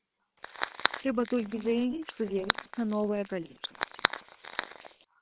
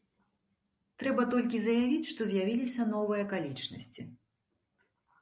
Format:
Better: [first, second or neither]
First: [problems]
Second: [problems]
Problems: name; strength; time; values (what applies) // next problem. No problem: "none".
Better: second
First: noise reduction (neural separator model SepFormer WHAM!)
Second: none